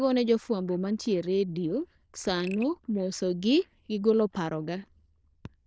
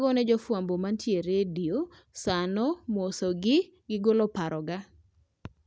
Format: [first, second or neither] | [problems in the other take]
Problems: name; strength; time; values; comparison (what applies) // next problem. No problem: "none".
second | noise reduction (neural diffusion model UNIVERSE++)